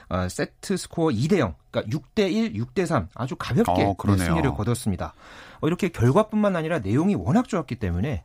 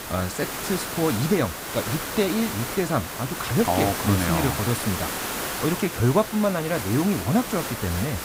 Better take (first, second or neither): first